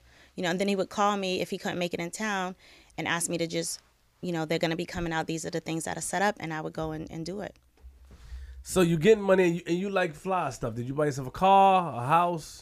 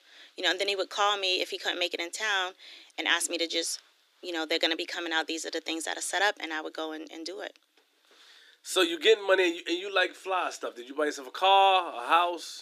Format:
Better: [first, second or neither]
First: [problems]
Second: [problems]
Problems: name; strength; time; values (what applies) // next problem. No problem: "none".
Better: first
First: none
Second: thin; very; fading below 300 Hz